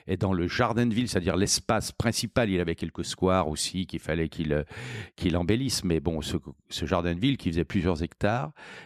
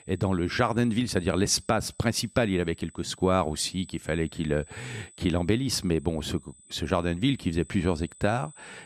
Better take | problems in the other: first | high-pitched whine; faint; throughout; 8 kHz, 25 dB below the speech

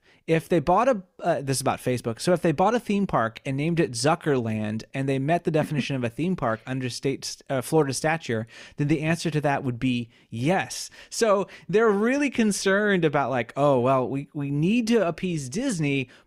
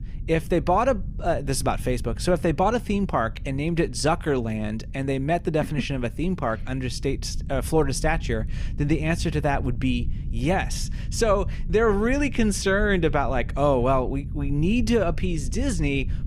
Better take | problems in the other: first | low rumble; faint; throughout; 25 dB below the speech

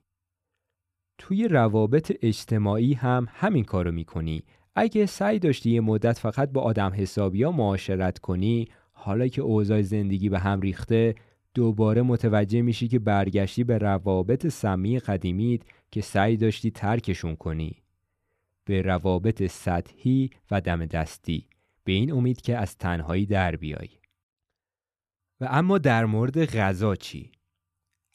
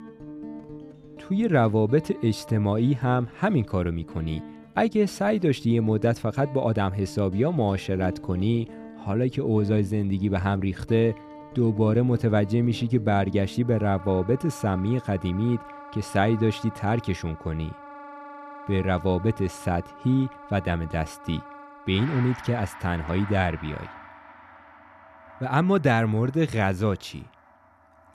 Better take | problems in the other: first | background music; noticeable; throughout; 15 dB below the speech

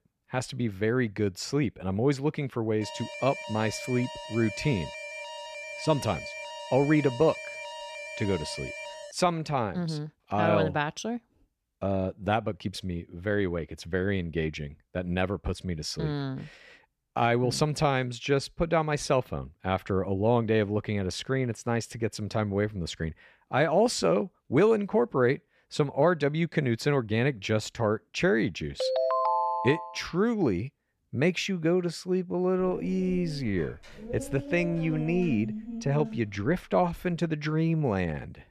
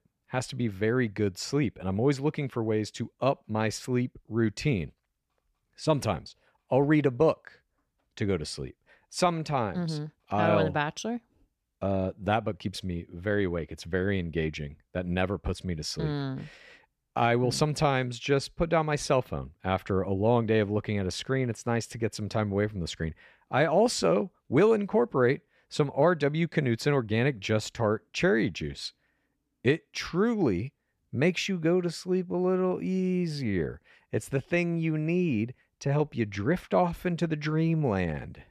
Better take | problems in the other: second | alarm; noticeable; from 3 to 9 s; peak 9 dB below the speech // phone ringing; loud; from 29 to 30 s; peak 3 dB above the speech // dog barking; noticeable; from 33 to 37 s; peak 7 dB below the speech

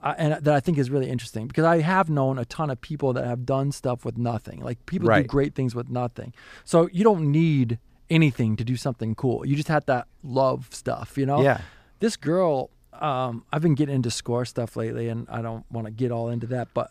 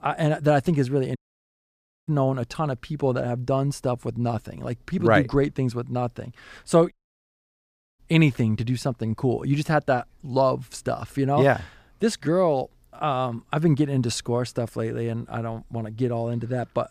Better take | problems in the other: first | audio cutting out; at 1 s for 1 s and at 7 s for 1 s

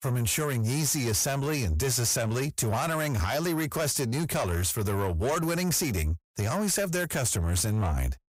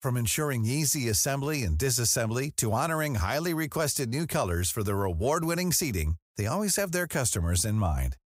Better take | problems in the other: second | distortion; slight; 10 dB below the speech

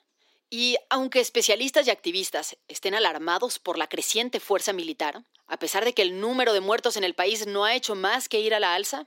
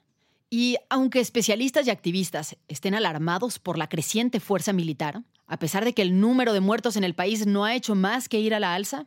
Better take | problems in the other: second | thin; somewhat; fading below 300 Hz

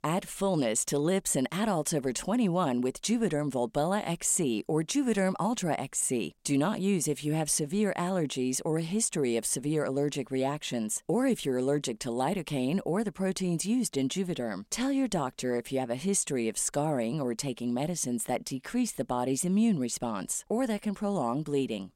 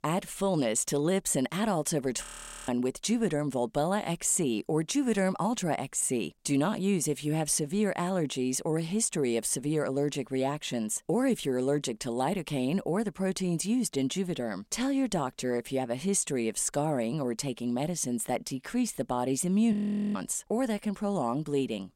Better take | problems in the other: first | audio freezing; at 2 s and at 20 s

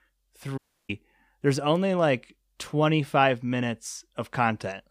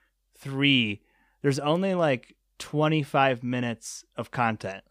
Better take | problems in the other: second | audio cutting out; at 0.5 s

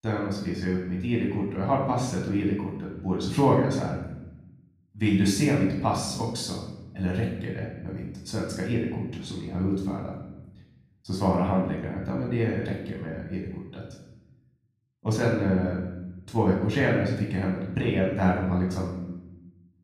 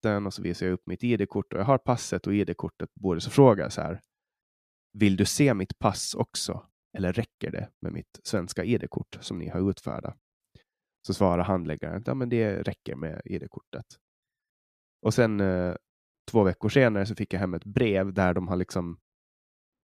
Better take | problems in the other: second | off-mic speech; far // room echo; noticeable; dies away in 0.9 s

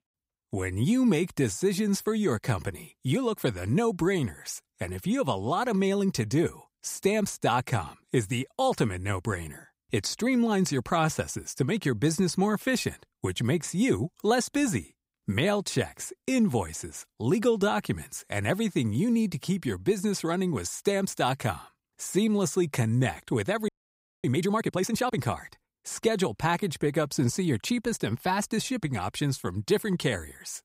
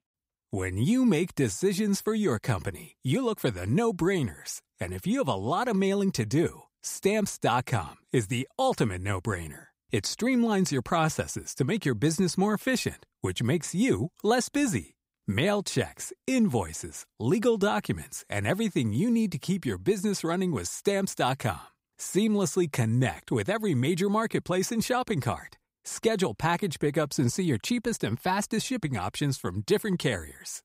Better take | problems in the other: second | audio freezing; at 24 s for 0.5 s

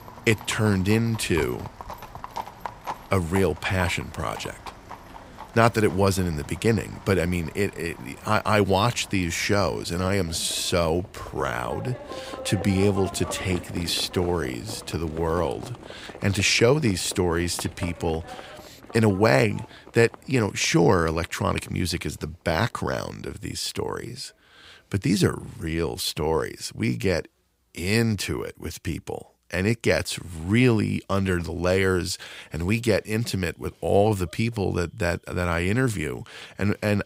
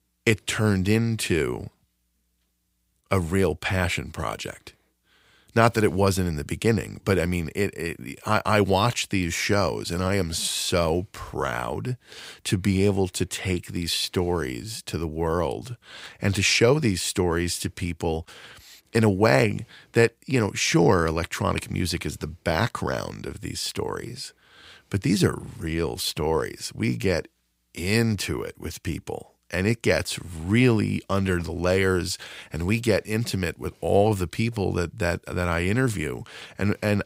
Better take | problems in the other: second | animal sounds; noticeable; throughout; 15 dB below the speech

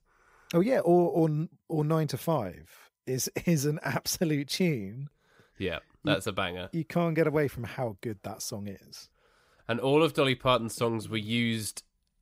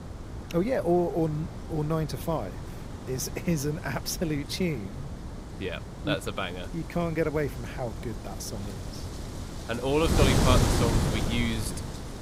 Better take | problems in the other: first | wind noise on the microphone; heavy; 6 dB below the speech

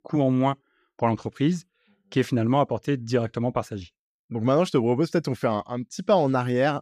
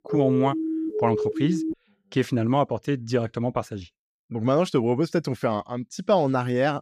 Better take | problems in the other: first | siren; noticeable; until 1.5 s; peak 2 dB below the speech

